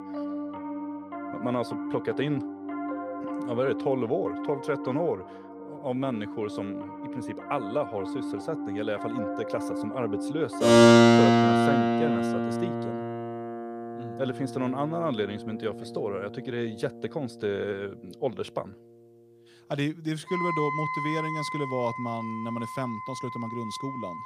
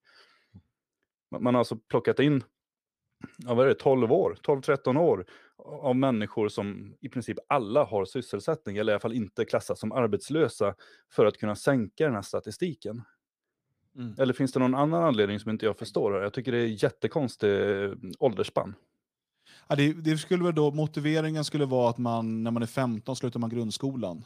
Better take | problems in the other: second | background music; very loud; throughout; 4 dB above the speech

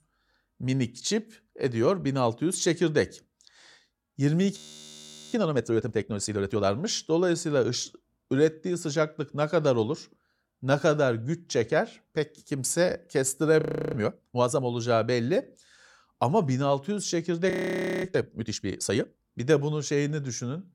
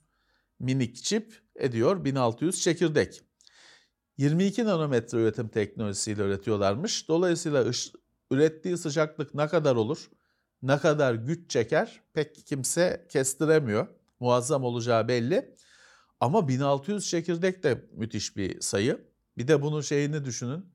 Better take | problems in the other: second | audio freezing; at 4.5 s for 1 s, at 14 s and at 18 s for 0.5 s

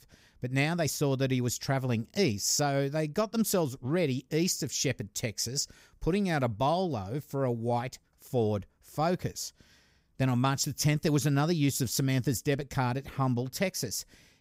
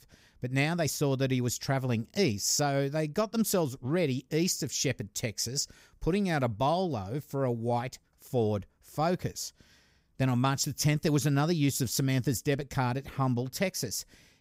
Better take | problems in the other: neither | none

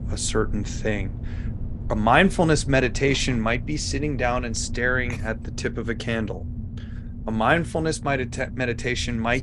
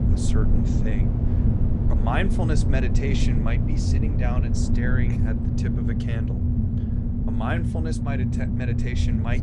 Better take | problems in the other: first | low rumble; loud; throughout; 1 dB below the speech; faint in the first

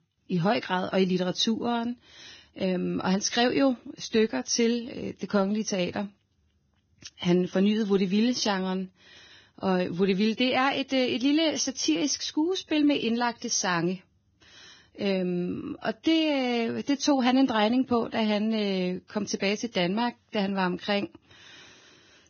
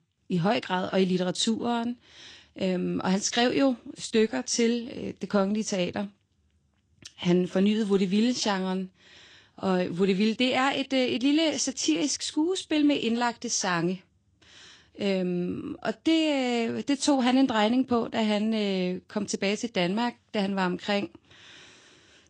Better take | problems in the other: second | garbled, watery; badly; nothing above 6.5 kHz; slightly in the second

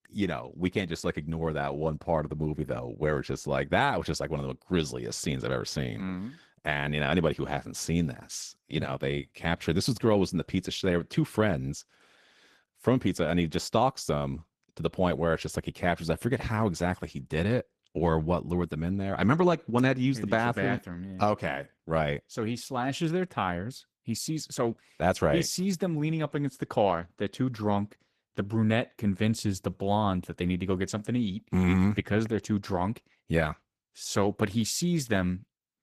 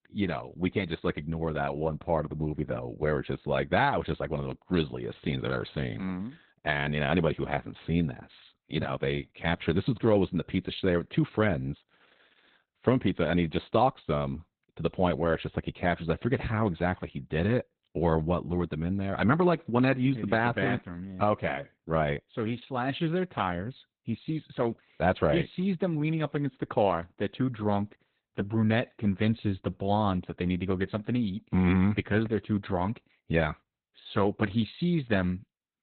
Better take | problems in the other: first | garbled, watery; badly; nothing above 4 kHz; slightly in the first

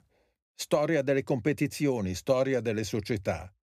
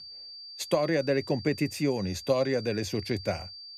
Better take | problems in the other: first | high-pitched whine; noticeable; throughout; 4.5 kHz, 15 dB below the speech

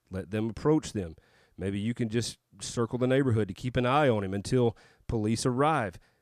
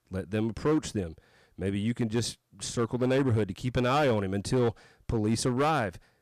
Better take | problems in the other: first | distortion; slight; 6% of the sound clipped

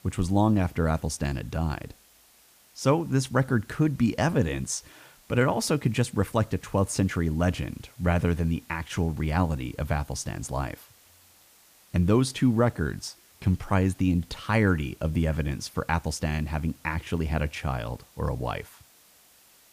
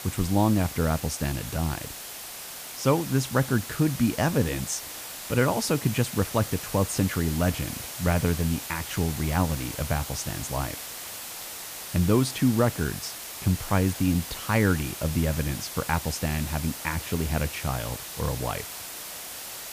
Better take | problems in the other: first | hiss; loud; throughout; 8 dB below the speech; faint in the first

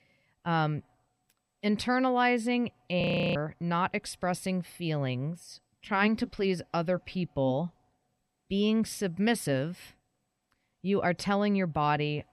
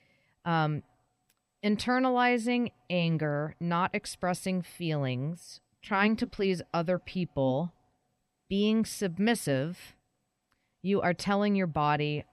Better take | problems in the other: second | audio freezing; at 3 s

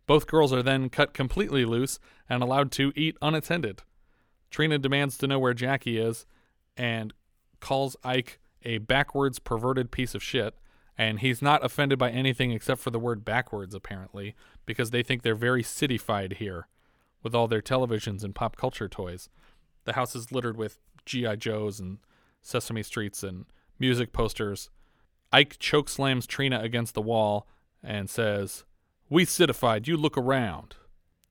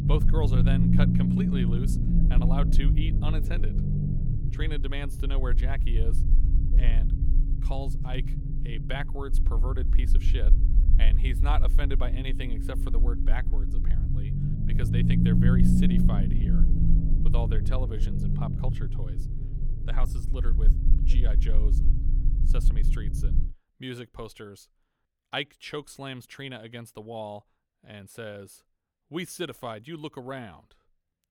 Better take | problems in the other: first | low rumble; loud; until 23 s; 1 dB below the speech

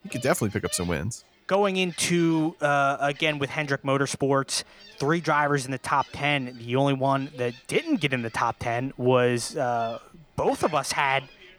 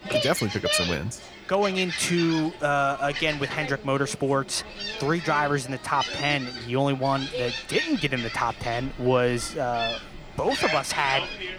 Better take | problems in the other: first | animal sounds; loud; throughout; 5 dB below the speech; faint in the first

